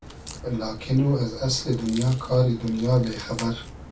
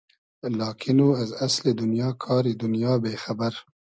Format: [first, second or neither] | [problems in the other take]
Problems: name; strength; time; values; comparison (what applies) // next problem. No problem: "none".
second | background sound (Crack); 15 dB below the speech // room echo; dies away in 0.2 s